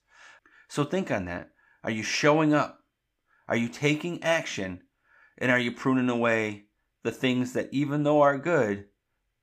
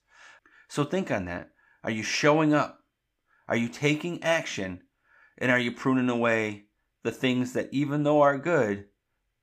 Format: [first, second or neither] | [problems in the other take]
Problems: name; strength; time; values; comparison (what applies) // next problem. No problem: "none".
neither | none